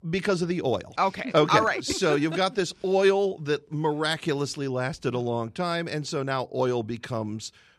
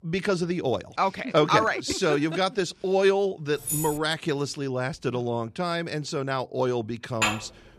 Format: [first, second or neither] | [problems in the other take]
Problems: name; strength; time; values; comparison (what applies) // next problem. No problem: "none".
first | jangling keys; noticeable; at 3.5 s; peak 3 dB below the speech // clattering dishes; loud; at 7 s; peak level with the speech